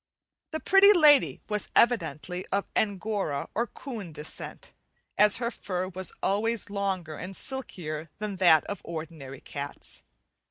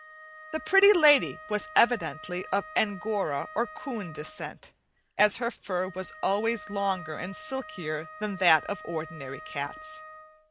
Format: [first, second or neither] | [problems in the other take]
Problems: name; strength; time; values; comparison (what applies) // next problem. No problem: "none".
first | background sound (Wind instrument, woodwind instrument); 16 dB below the speech